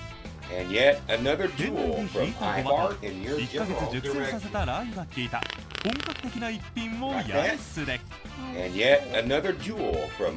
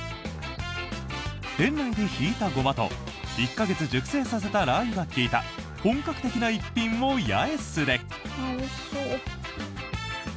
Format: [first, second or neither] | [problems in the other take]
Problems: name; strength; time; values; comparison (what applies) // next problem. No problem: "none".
second | background sound (Fart); 5 dB above the speech